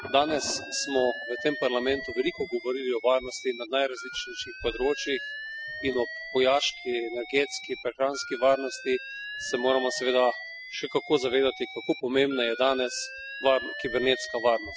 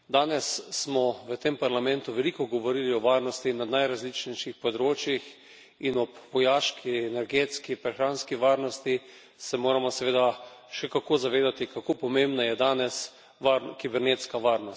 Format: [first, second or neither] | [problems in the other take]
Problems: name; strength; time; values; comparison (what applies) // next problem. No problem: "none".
second | noise reduction (classical method spectral subtraction)